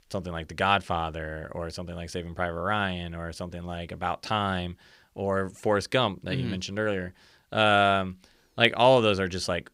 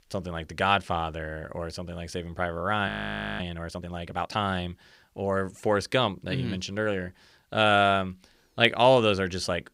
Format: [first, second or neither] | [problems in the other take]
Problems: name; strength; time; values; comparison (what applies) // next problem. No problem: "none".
first | audio freezing; at 3 s for 0.5 s